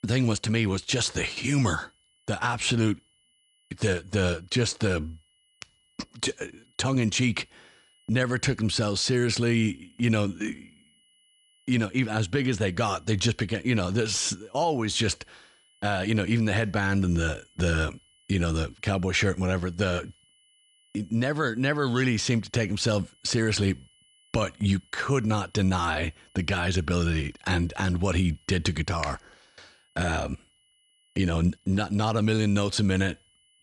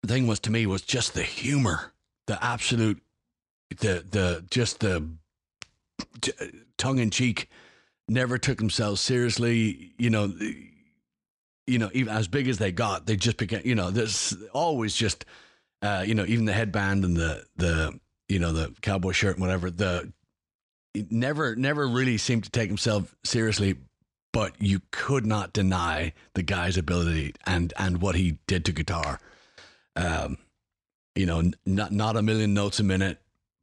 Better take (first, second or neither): second